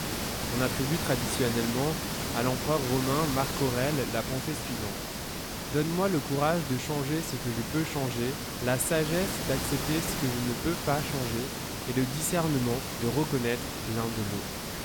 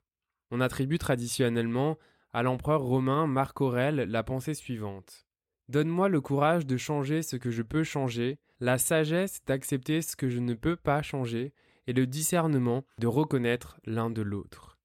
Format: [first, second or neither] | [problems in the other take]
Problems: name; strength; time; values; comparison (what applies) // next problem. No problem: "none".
second | hiss; loud; throughout; 2 dB below the speech